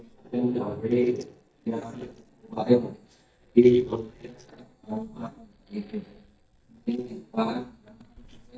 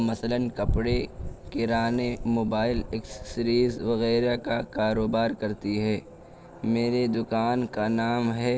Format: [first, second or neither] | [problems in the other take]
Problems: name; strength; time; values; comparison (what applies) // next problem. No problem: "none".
second | noise reduction (neural mask model DeepFilterNet 3)